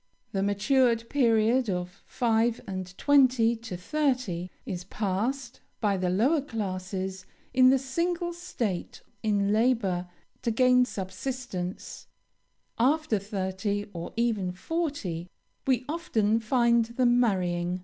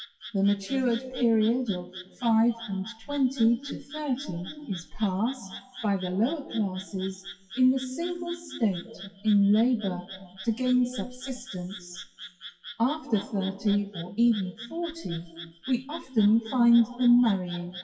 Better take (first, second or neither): first